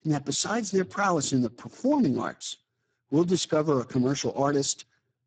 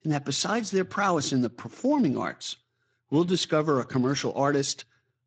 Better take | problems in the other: second | garbled, watery; badly; nothing above 7.5 kHz; slightly in the second

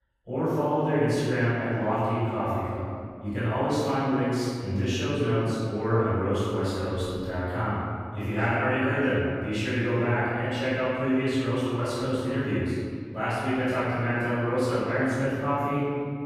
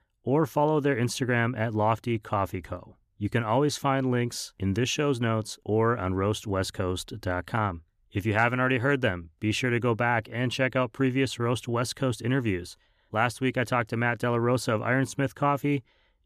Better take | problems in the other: second | off-mic speech; far // room echo; strong; dies away in 2.1 s

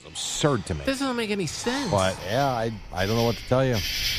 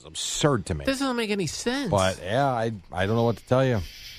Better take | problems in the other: second | animal sounds; loud; throughout; 9 dB below the speech; faint in the second

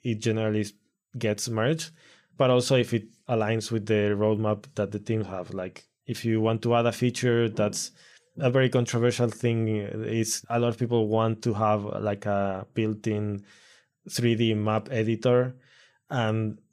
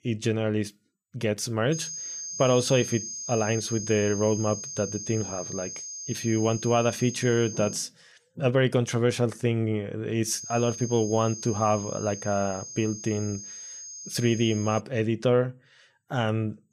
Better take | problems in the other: first | high-pitched whine; loud; from 1.5 to 8 s and from 10 to 15 s; 6.5 kHz, 9 dB below the speech

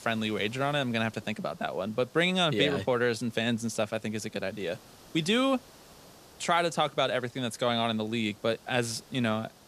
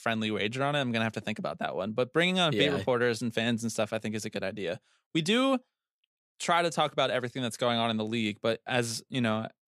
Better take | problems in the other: second | hiss; faint; throughout; 25 dB below the speech

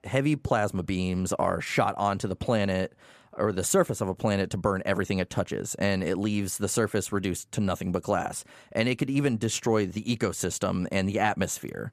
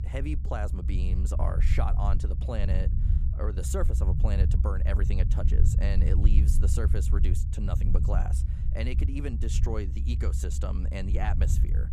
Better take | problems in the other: first | low rumble; loud; throughout; 6 dB below the speech

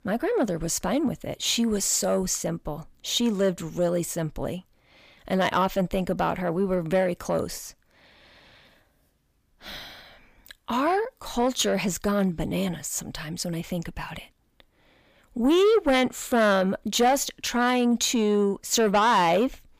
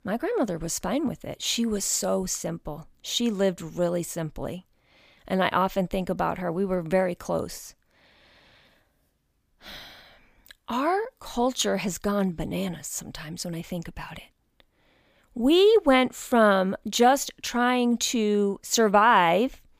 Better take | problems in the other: second | distortion; slight; 10 dB below the speech

